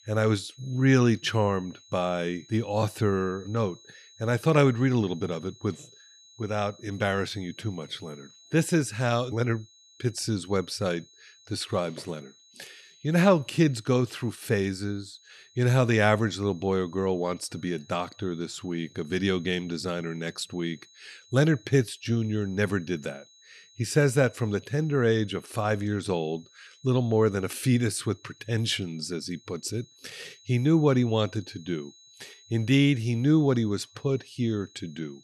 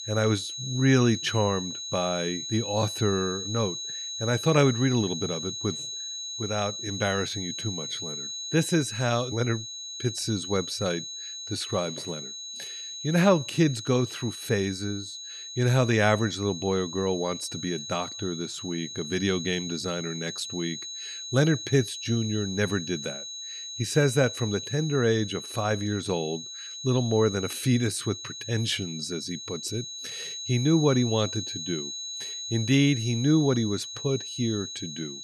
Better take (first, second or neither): first